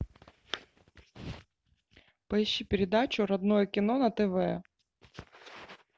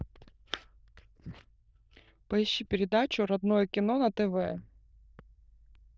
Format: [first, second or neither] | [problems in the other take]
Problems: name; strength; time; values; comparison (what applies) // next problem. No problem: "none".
first | noise reduction (neural diffusion model UNIVERSE++)